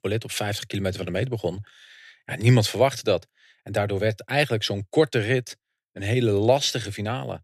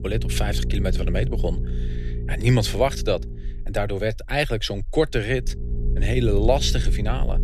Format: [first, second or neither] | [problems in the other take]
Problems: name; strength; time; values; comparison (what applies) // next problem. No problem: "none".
first | low rumble; noticeable; throughout; 15 dB below the speech